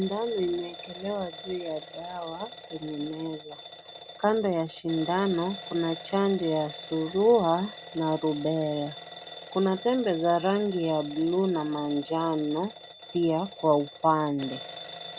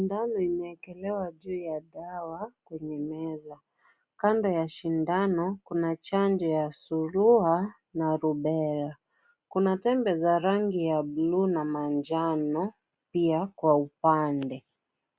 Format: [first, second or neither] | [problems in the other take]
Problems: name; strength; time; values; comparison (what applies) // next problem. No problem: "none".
second | background sound (Alarm / Bell); 15 dB below the speech